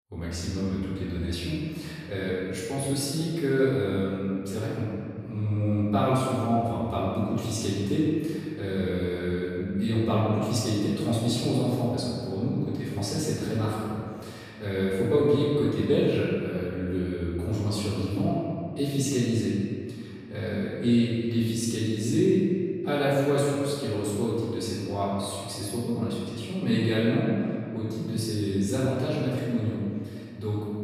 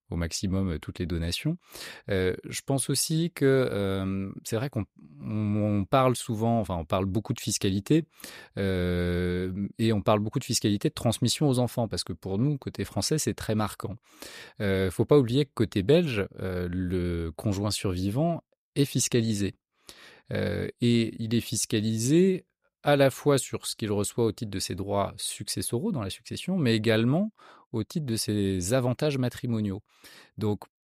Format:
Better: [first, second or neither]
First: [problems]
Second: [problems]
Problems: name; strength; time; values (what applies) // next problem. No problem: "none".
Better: second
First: off-mic speech; far // room echo; strong; dies away in 2.1 s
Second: none